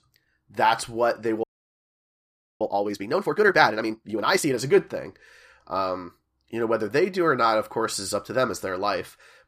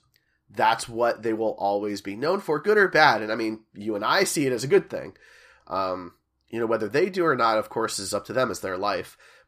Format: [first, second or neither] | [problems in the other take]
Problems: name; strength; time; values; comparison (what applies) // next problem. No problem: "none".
second | audio freezing; at 1.5 s for 1 s